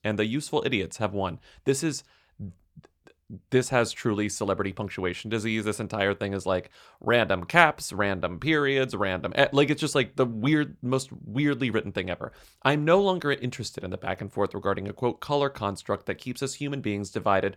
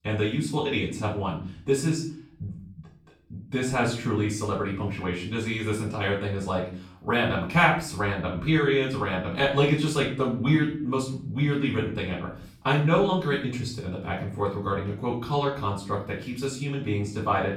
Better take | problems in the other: first | room echo; noticeable; dies away in 0.5 s // off-mic speech; far

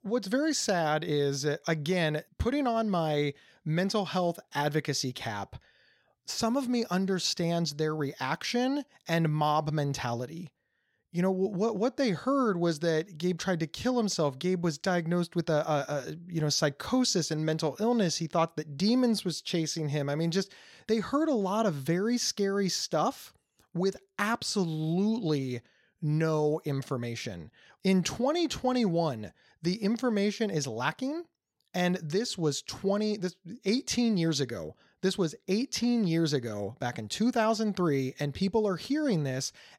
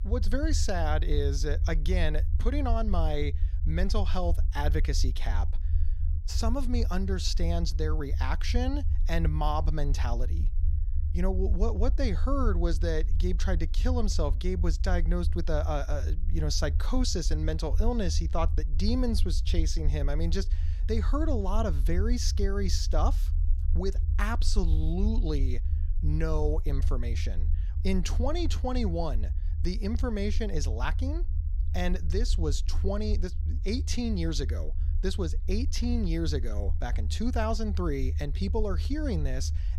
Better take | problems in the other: first | low rumble; noticeable; throughout; 15 dB below the speech

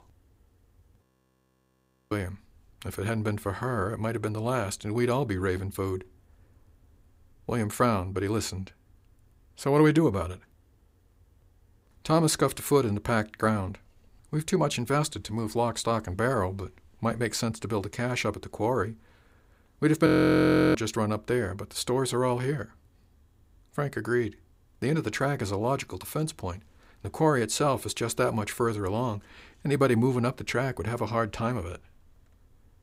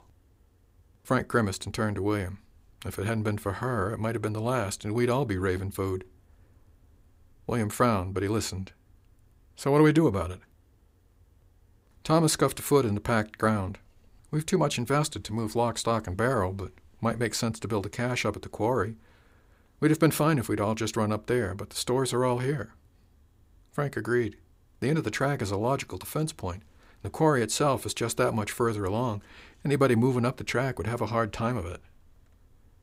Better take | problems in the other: second | audio freezing; at 1 s for 1 s and at 20 s for 0.5 s

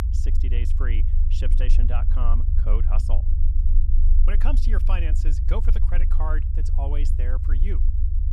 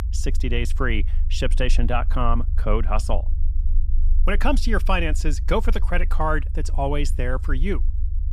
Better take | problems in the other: second | low rumble; loud; throughout; 6 dB below the speech; faint in the second

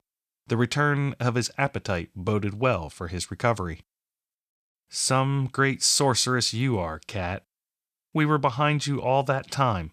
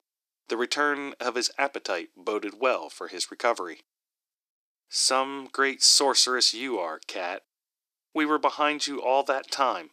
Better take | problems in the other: first | thin; somewhat; fading below 300 Hz

